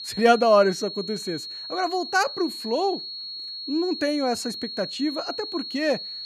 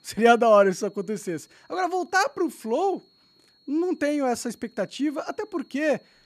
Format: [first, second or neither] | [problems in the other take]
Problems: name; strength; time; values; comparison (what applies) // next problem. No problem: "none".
second | high-pitched whine; loud; throughout; 4.5 kHz, 8 dB below the speech; faint in the second